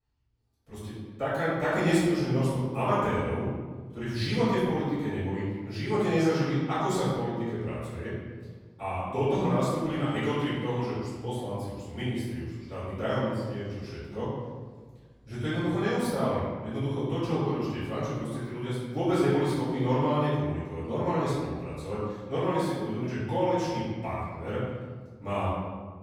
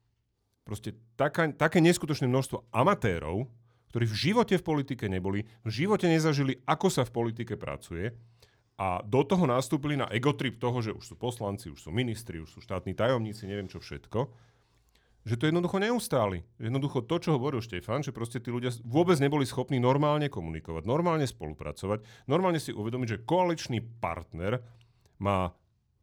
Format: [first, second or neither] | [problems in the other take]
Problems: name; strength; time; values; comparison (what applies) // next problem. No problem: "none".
second | room echo; strong; dies away in 1.3 s // off-mic speech; far